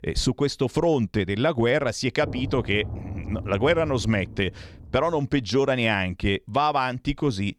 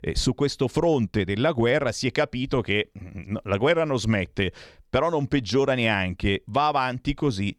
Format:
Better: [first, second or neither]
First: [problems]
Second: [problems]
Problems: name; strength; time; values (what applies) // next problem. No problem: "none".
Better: second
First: low rumble; noticeable; from 2 to 5 s; 20 dB below the speech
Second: none